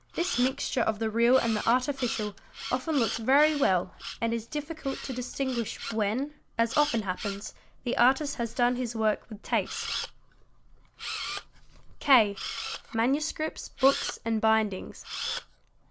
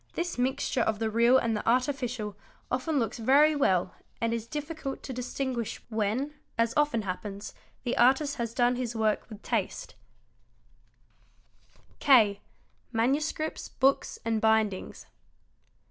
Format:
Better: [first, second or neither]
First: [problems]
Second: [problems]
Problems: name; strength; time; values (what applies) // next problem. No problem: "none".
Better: second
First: background sound (Camera); 11 dB below the speech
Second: none